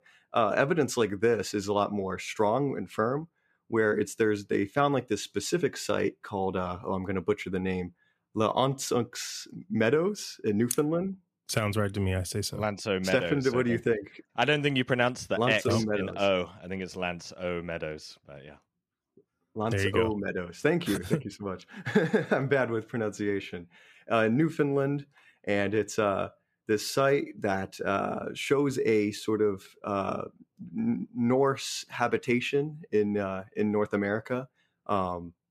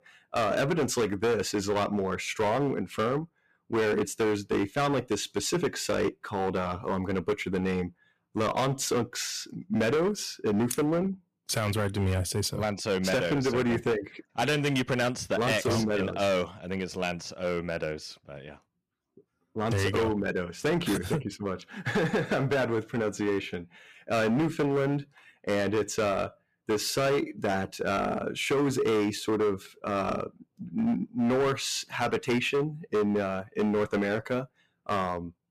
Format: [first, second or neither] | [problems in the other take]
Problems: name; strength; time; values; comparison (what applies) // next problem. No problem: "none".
first | distortion; heavy; 12% of the sound clipped